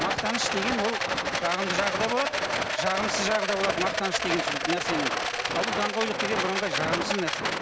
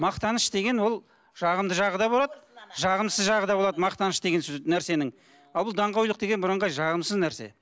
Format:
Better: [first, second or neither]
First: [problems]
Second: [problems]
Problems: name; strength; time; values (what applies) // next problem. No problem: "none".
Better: second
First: background sound (Rattle); 2 dB above the speech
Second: none